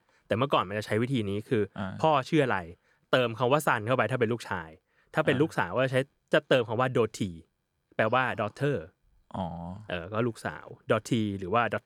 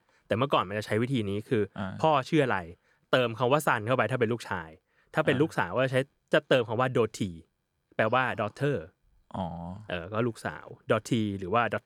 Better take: neither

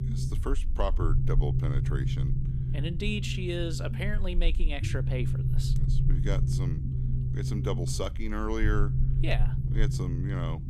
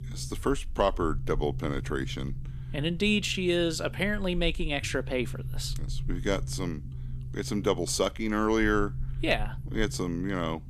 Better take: second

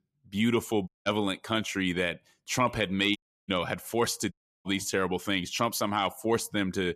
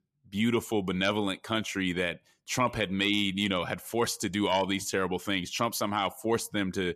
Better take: second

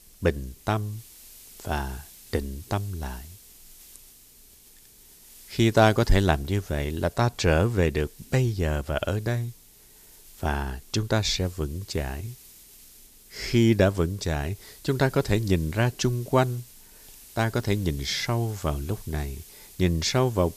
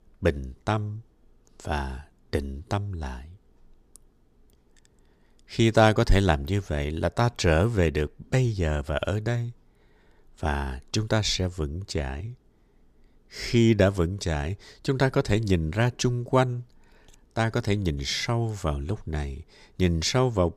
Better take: second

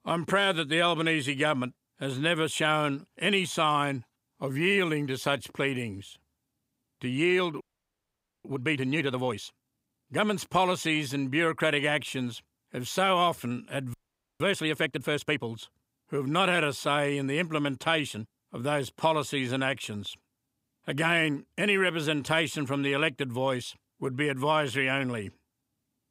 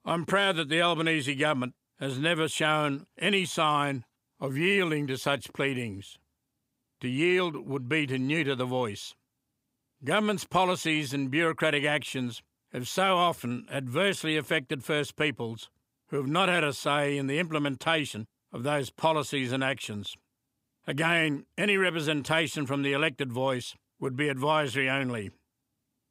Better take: second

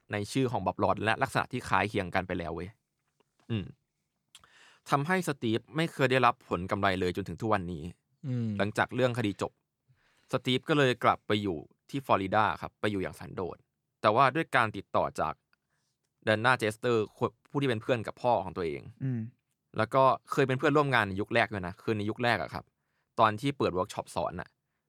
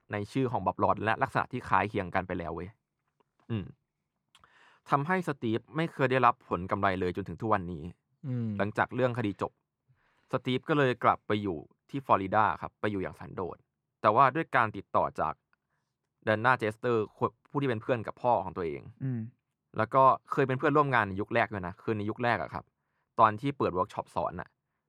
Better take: first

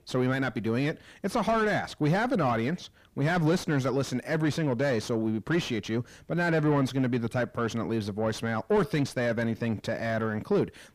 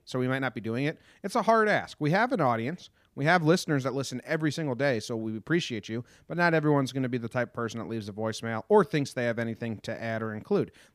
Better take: second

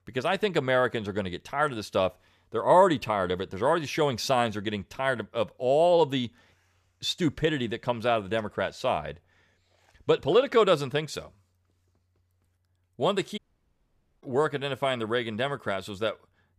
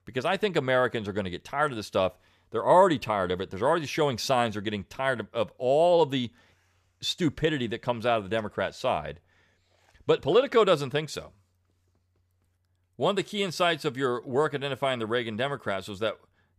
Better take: second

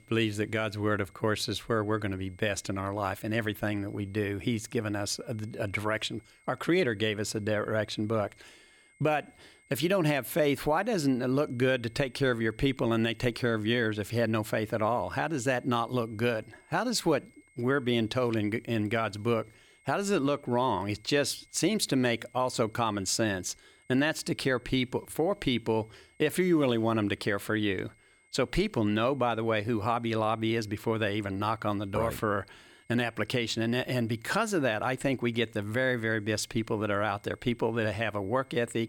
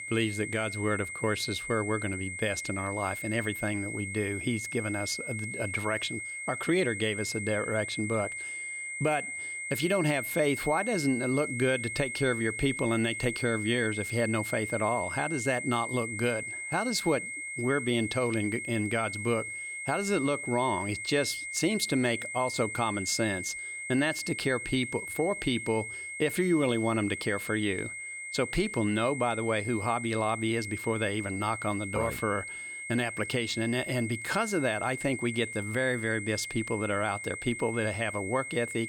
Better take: first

